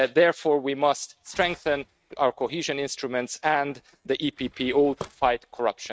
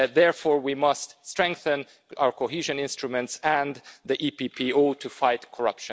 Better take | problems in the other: second | noise reduction (neural mask model RNNoise)

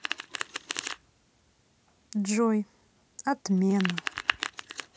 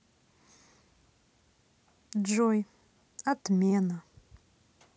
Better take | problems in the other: second | background sound (Domestic sounds, home sounds); 7 dB below the speech

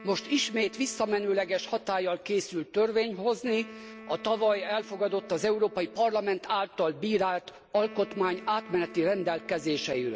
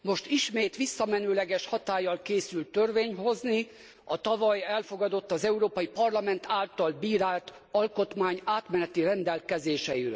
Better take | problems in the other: second | background sound (Wind instrument, woodwind instrument); 20 dB below the speech

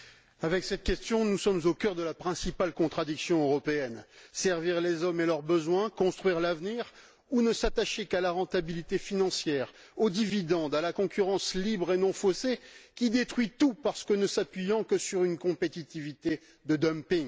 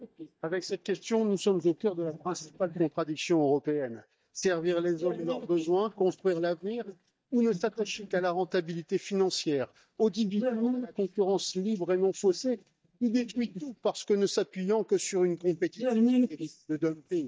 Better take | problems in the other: first | noise reduction (neural mask model DeepFilterNet 3)

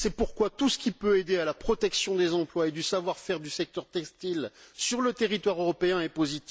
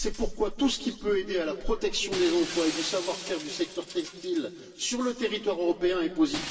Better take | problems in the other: first | background sound (Shatter); 13 dB below the speech // room echo; dies away in 1.7 s

